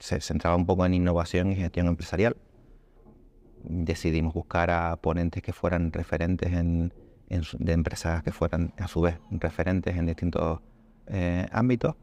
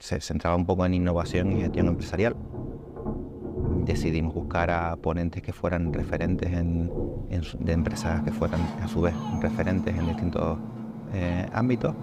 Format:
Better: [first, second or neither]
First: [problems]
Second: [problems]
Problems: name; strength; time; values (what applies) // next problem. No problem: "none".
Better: first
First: rain or running water; faint; throughout; 30 dB below the speech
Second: rain or running water; loud; throughout; 5 dB below the speech